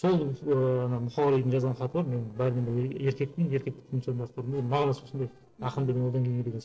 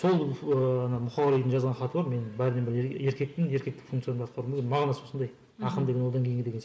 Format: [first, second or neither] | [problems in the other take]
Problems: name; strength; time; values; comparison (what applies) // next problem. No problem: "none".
second | noise reduction (neural separator model SepFormer DNS4)